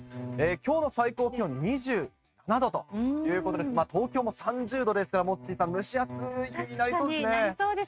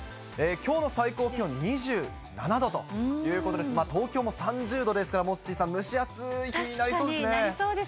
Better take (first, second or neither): second